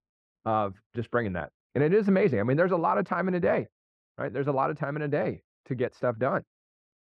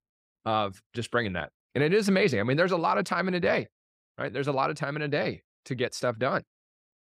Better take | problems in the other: second | muffled; very; fading above 3 kHz

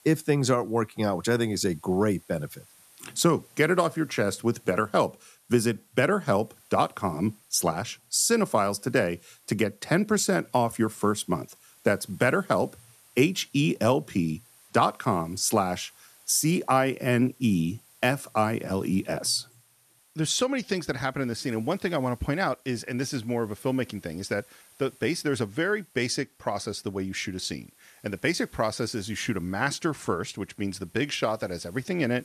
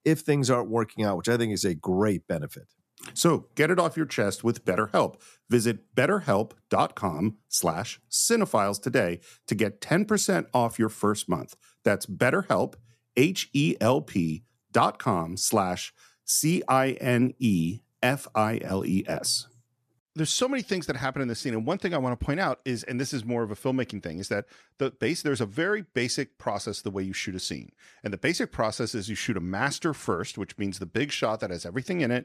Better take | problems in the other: second | hiss; faint; throughout; 30 dB below the speech

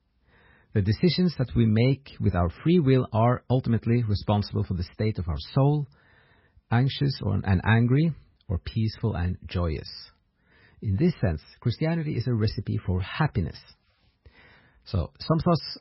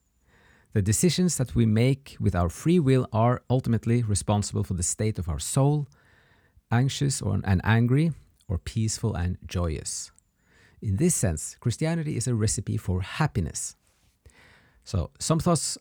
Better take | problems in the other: second | garbled, watery; badly; nothing above 5.5 kHz

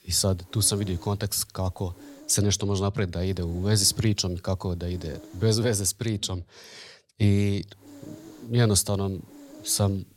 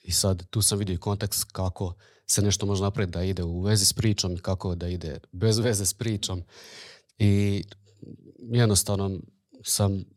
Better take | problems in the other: second | hiss; faint; until 2.5 s, from 3 to 6 s and from 7.5 s on; 25 dB below the speech

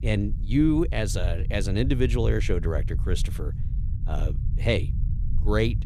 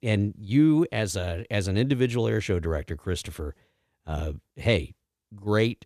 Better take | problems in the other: second | low rumble; noticeable; throughout; 15 dB below the speech

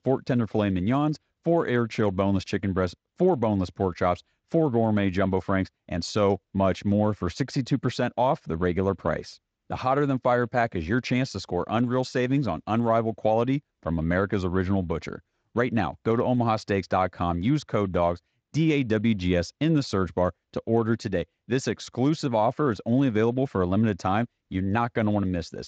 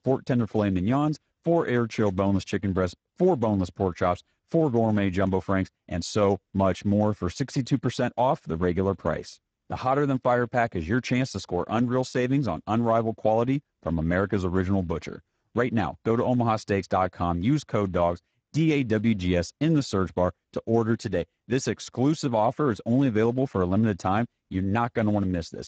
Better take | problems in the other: first | garbled, watery; badly; nothing above 7.5 kHz; slightly in the first

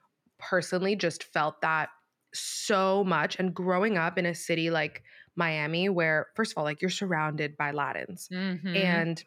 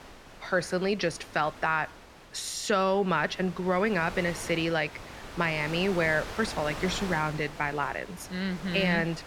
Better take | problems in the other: first | wind noise on the microphone; occasional gusts; 15 dB below the speech

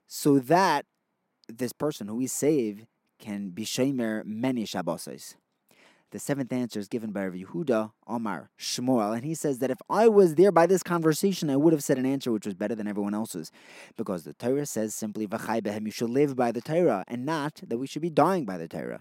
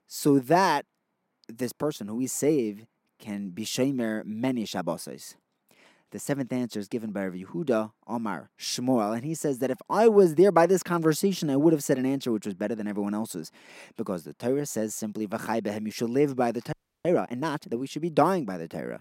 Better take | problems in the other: first | audio freezing; at 17 s

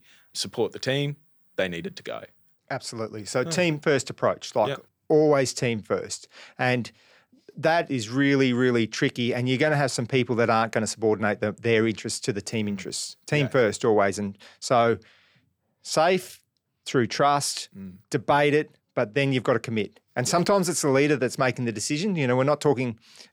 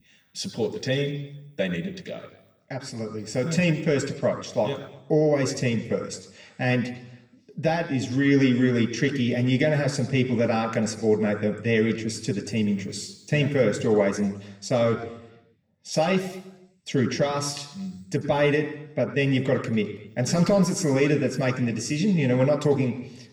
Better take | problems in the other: first | room echo; slight; dies away in 0.9 s // off-mic speech; somewhat distant

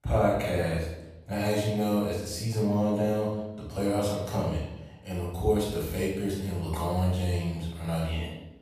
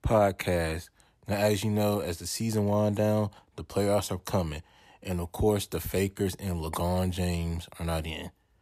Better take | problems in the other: second | off-mic speech; far // room echo; noticeable; dies away in 0.9 s

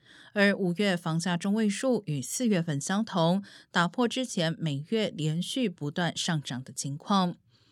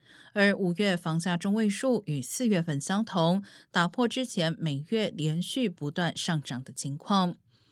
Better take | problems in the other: first | garbled, watery; slightly; nothing above 18 kHz

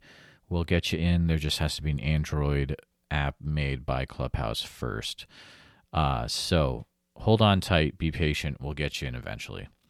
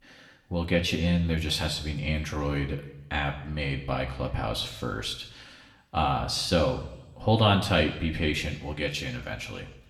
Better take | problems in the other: first | room echo; slight; dies away in 0.8 s // off-mic speech; somewhat distant

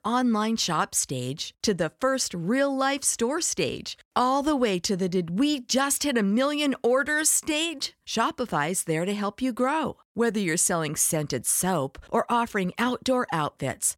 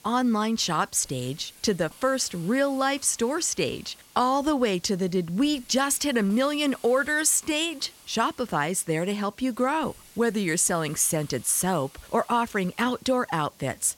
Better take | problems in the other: first | hiss; faint; throughout; 25 dB below the speech

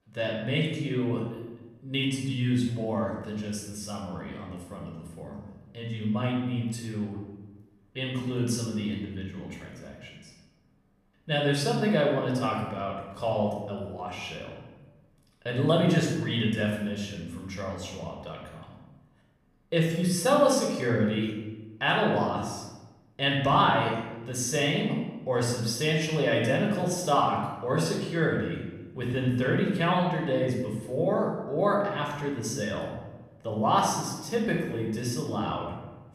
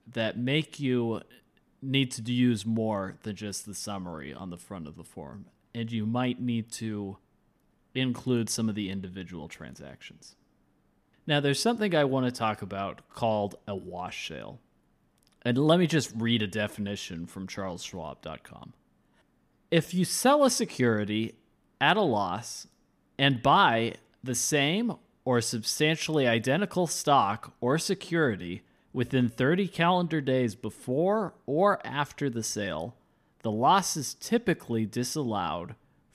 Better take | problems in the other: second | off-mic speech; somewhat distant // room echo; noticeable; dies away in 1 s

